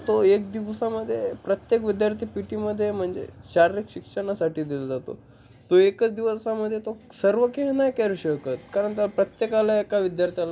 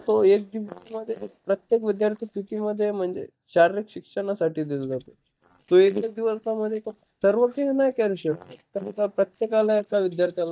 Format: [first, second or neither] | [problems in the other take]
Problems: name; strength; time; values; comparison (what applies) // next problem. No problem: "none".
first | noise reduction (neural mask model DeepFilterNet 3)